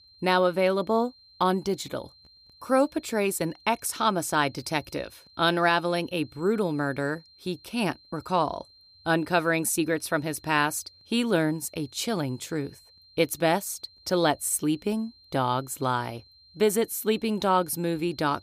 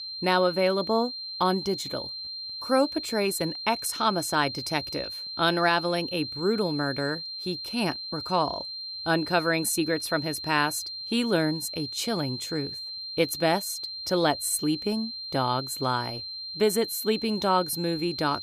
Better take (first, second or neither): first